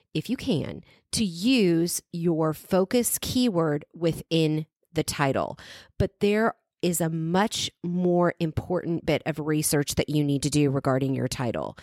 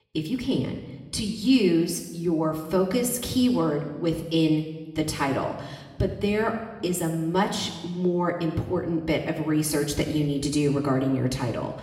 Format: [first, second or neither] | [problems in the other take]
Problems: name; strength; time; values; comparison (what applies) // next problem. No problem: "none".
first | room echo; slight; dies away in 1 s // off-mic speech; somewhat distant